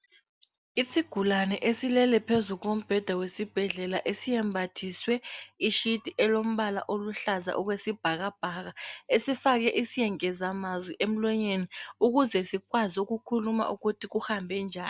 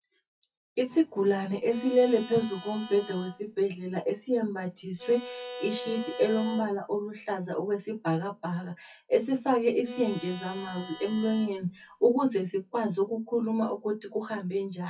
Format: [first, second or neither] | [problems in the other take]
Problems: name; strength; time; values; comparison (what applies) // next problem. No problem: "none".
first | noise reduction (classical method WPE with log-MMSE)